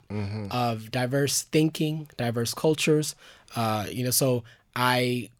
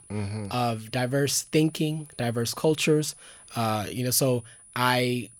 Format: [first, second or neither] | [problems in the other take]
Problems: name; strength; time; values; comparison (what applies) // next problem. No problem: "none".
first | high-pitched whine; faint; throughout; 9.5 kHz, 25 dB below the speech